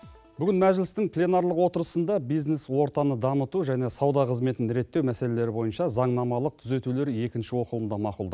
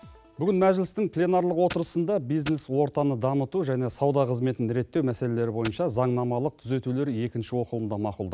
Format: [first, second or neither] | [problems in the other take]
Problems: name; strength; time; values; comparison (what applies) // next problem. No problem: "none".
first | background sound (Coin (dropping)); 15 dB below the speech